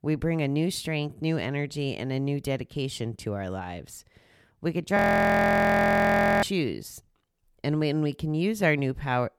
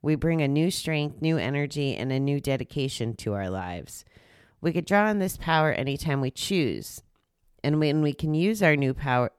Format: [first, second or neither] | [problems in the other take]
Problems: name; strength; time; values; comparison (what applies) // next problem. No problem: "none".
second | audio freezing; at 5 s for 1.5 s